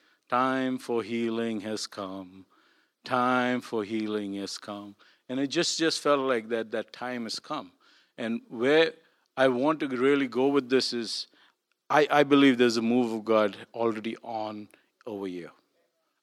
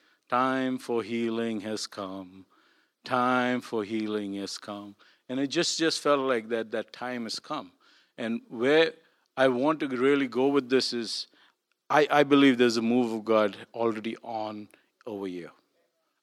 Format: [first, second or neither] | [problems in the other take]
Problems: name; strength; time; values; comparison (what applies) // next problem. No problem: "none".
neither | thin; very slightly; fading below 300 Hz; the same in both